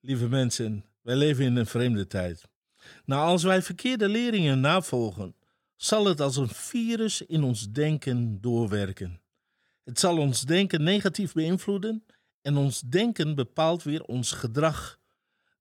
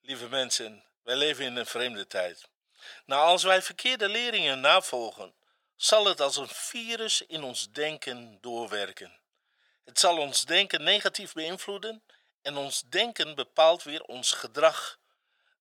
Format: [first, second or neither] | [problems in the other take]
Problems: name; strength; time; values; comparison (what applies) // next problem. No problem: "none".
first | thin; very; fading below 650 Hz